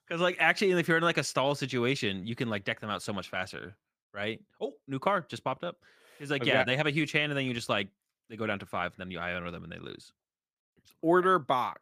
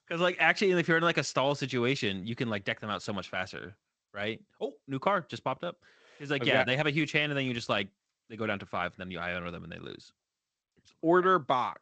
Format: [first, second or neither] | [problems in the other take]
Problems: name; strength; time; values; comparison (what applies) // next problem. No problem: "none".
first | garbled, watery; slightly; nothing above 7.5 kHz